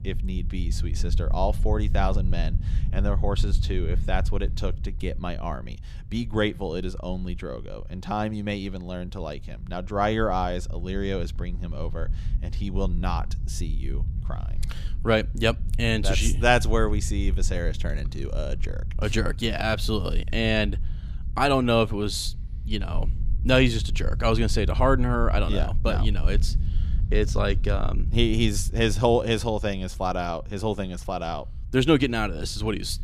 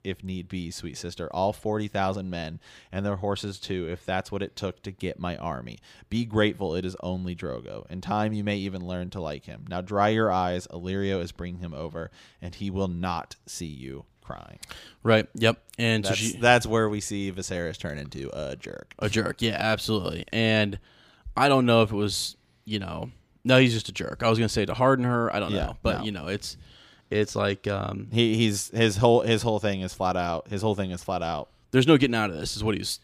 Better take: second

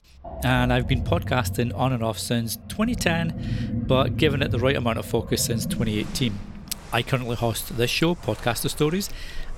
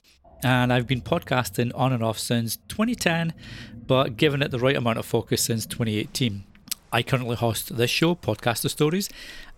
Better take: second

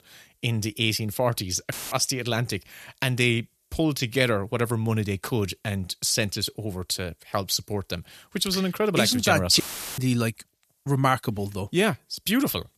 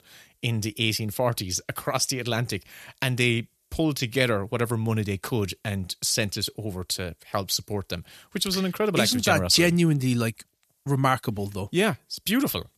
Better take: second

